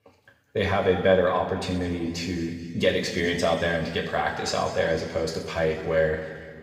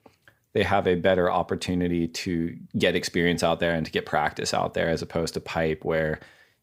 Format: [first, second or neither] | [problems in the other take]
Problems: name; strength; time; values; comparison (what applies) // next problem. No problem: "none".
second | room echo; noticeable; dies away in 2.1 s // off-mic speech; somewhat distant